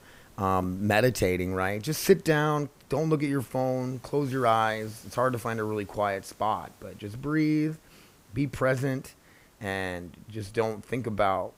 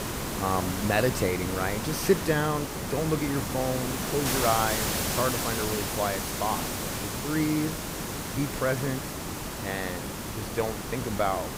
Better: first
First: hiss; faint; throughout; 30 dB below the speech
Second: hiss; loud; throughout; 2 dB below the speech

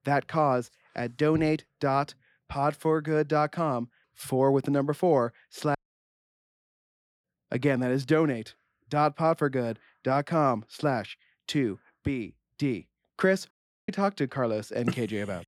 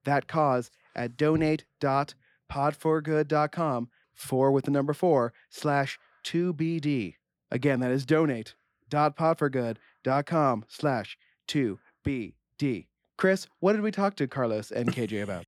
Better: second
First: audio cutting out; at 6 s for 1.5 s and at 14 s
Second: none

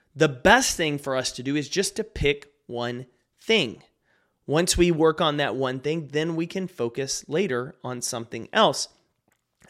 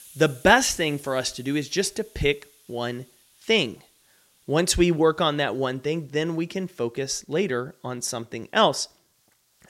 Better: first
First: none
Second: hiss; faint; throughout; 30 dB below the speech

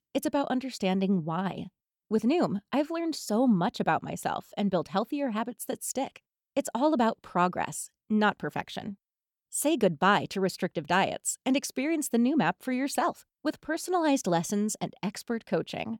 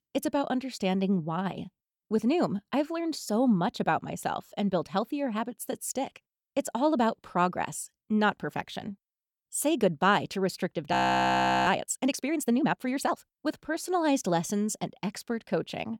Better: first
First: none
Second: audio freezing; at 11 s for 0.5 s

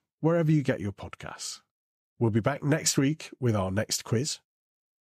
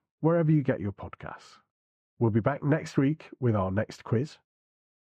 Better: first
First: none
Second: muffled; very; fading above 4 kHz

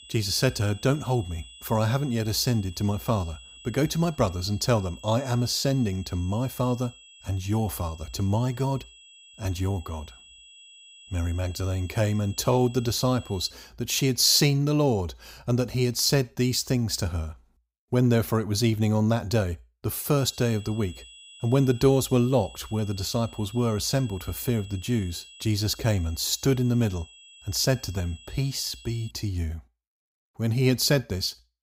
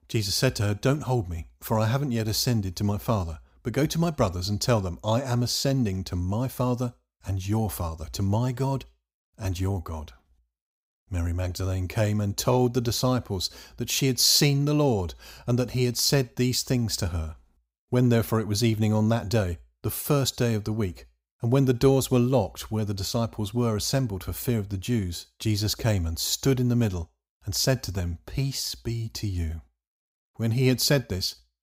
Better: second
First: high-pitched whine; faint; until 14 s and from 20 to 29 s; 3.5 kHz, 20 dB below the speech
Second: none

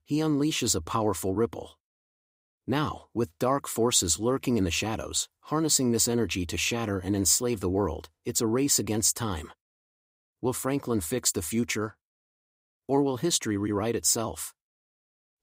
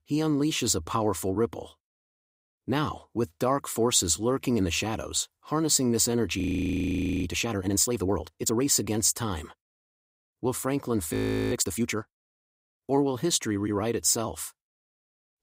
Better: first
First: none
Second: audio freezing; at 6.5 s for 1 s and at 11 s

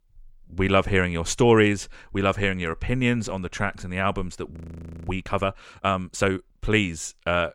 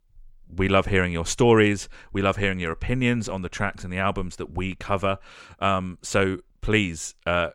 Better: second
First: audio freezing; at 4.5 s for 0.5 s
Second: none

